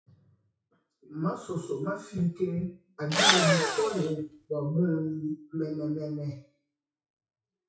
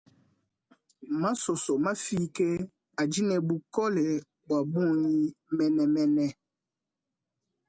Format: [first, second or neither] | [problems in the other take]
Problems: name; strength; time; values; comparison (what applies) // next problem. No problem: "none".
second | noise reduction (classical method WPE with log-MMSE)